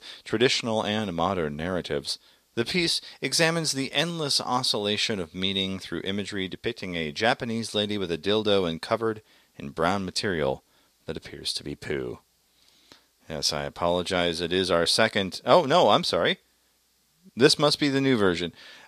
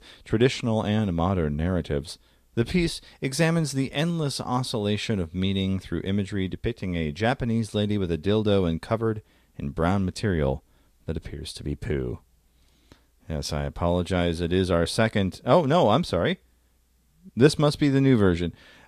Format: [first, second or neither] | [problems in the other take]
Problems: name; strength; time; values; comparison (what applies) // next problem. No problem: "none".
second | thin; very slightly; fading below 550 Hz